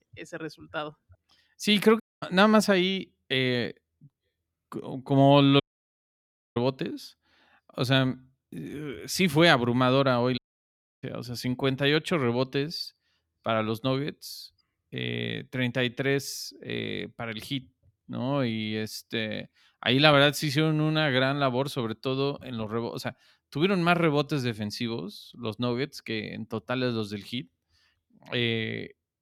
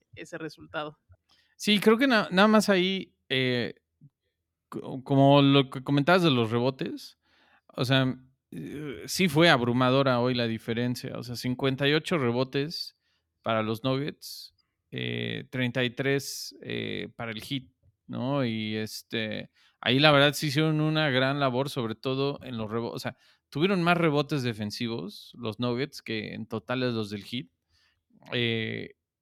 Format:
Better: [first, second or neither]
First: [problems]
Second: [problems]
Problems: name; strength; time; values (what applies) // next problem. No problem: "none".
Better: second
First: audio cutting out; at 2 s, at 5.5 s for 1 s and at 10 s for 0.5 s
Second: none